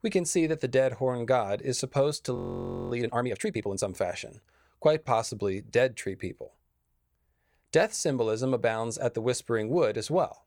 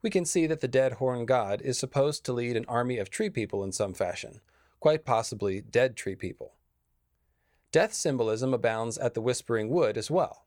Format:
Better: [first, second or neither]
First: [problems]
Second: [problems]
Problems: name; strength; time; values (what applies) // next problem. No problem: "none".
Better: second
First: audio freezing; at 2.5 s for 0.5 s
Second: none